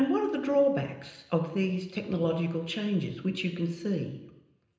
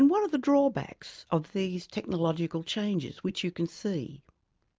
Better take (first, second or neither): second